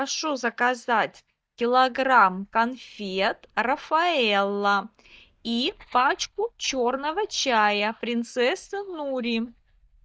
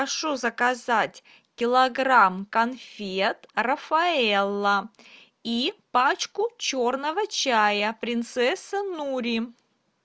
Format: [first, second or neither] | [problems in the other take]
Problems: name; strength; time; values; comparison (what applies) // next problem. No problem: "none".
second | noise reduction (neural mask model DeepFilterNet 3)